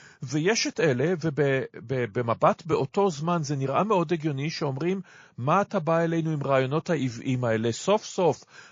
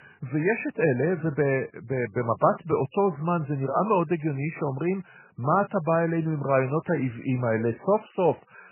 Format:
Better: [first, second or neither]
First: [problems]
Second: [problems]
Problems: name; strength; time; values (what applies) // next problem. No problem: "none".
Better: first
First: garbled, watery; slightly; nothing above 6 kHz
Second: garbled, watery; badly; nothing above 2.5 kHz